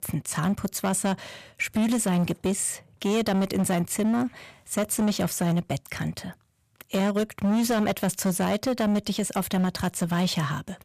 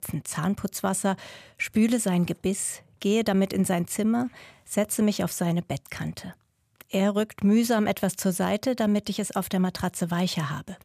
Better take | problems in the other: second | distortion; slight; 13% of the sound clipped

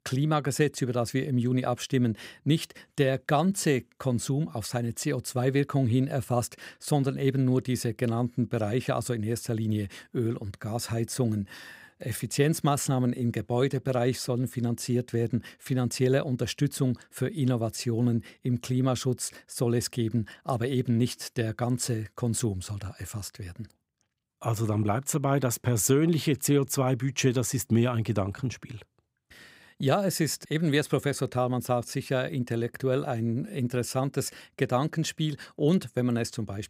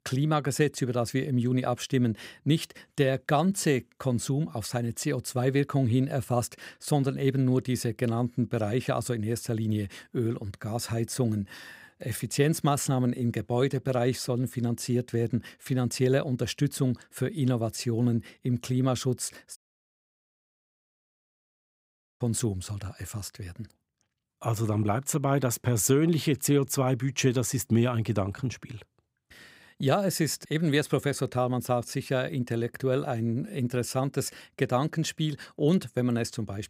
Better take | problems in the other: first | audio cutting out; at 20 s for 2.5 s

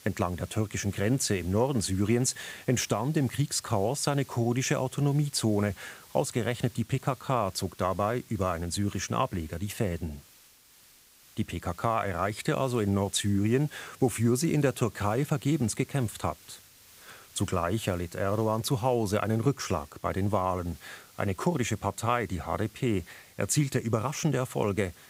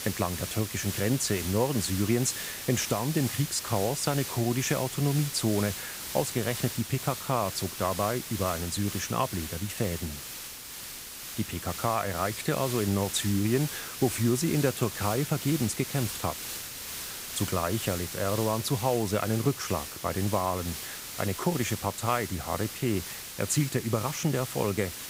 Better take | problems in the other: first | hiss; loud; throughout; 6 dB below the speech; faint in the first

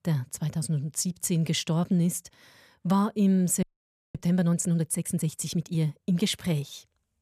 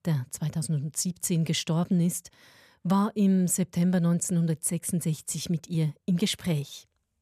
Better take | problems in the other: second | audio freezing; at 3.5 s for 0.5 s

